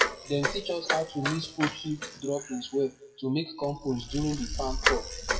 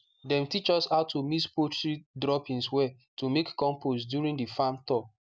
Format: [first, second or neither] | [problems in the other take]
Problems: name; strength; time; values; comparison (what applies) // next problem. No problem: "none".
second | noise reduction (classical method WPE with log-MMSE)